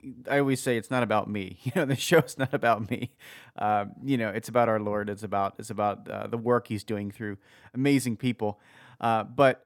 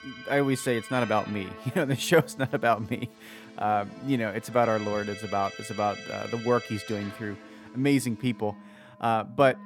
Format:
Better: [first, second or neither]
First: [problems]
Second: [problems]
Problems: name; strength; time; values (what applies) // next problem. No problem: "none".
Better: first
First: none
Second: background music; noticeable; throughout; 15 dB below the speech